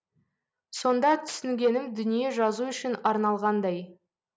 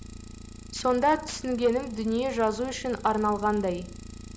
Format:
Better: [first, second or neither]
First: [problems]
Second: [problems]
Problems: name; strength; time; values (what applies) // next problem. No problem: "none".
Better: first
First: none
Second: background sound (Idling); 15 dB below the speech